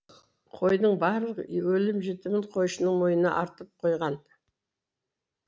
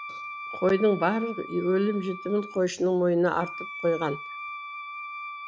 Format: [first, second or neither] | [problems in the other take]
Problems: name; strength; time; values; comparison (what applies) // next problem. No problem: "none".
first | background sound (Wind instrument, woodwind instrument); 12 dB below the speech